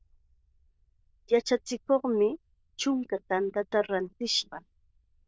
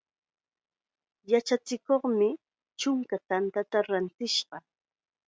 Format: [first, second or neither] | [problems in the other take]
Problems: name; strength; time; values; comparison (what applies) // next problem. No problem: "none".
second | noise reduction (neural diffusion model UNIVERSE++)